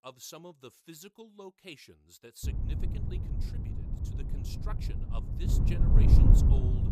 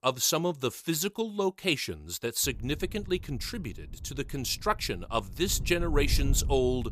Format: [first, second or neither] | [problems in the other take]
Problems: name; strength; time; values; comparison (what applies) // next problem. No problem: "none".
second | wind noise on the microphone; heavy; from 2.5 s on; 5 dB above the speech; occasional gusts in the second